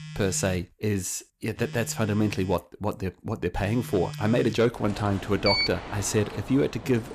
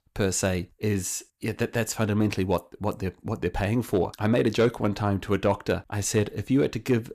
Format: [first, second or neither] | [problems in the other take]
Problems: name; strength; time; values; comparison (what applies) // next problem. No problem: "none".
second | alarms or sirens; loud; throughout; 7 dB below the speech